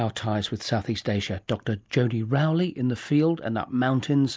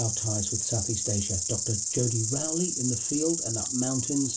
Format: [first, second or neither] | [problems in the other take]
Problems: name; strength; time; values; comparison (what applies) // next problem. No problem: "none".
first | background sound (Insect); as loud as the speech // room echo; dies away in 0.2 s